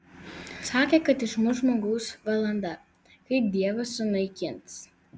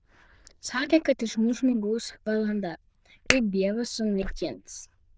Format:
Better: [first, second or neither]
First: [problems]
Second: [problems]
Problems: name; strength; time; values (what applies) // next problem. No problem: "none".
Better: first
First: none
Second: noise reduction (neural diffusion model UNIVERSE++)